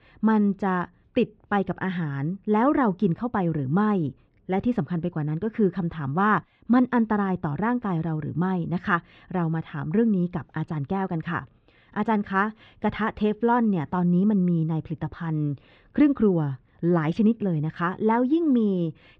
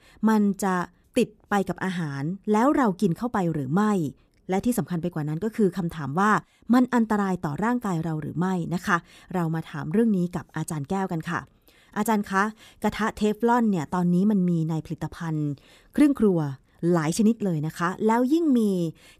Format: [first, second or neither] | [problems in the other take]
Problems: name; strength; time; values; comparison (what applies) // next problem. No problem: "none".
second | muffled; very; fading above 3.5 kHz